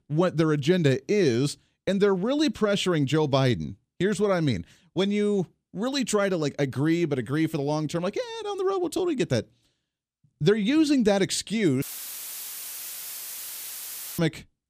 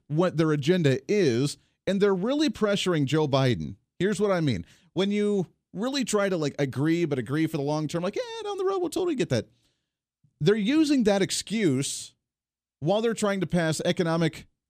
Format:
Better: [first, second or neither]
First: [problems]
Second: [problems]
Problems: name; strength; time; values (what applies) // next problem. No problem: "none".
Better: second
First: audio cutting out; filled with static; at 12 s for 2.5 s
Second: none